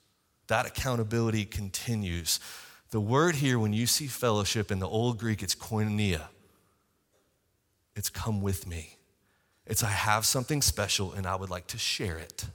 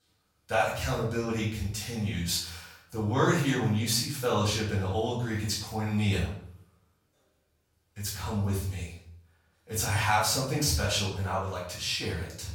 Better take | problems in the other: first | off-mic speech; far // room echo; noticeable; dies away in 0.5 s

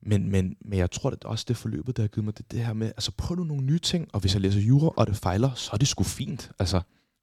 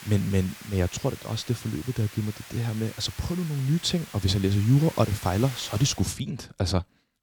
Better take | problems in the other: first | hiss; noticeable; until 6 s; 15 dB below the speech

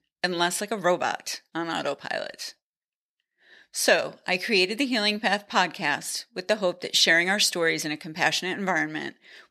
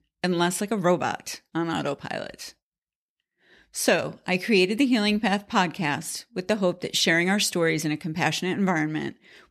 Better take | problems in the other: second | thin; somewhat; fading below 850 Hz

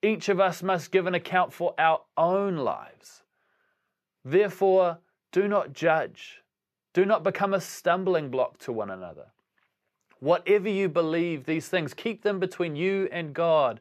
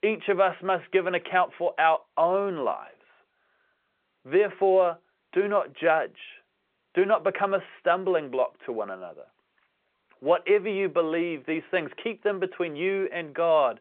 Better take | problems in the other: first | phone-call audio

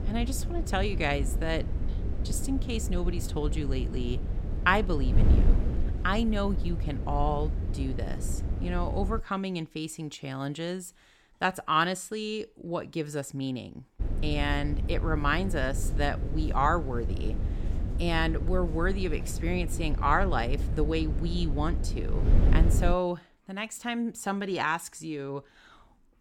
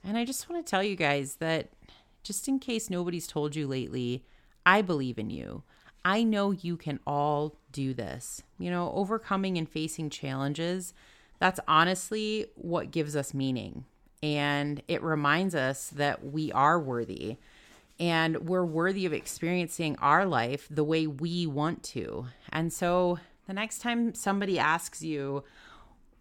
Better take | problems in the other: second | wind noise on the microphone; occasional gusts; until 9 s and from 14 to 23 s; 15 dB below the speech

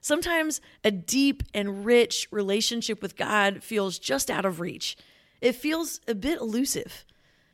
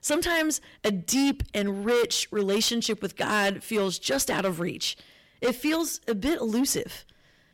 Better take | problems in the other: first | distortion; heavy; 9% of the sound clipped

